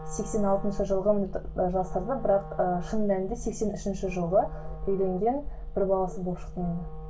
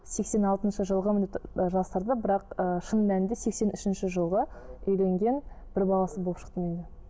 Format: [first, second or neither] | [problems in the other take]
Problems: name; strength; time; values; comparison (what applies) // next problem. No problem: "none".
second | background sound (Wind instrument, woodwind instrument); 16 dB below the speech // room echo; dies away in 0.2 s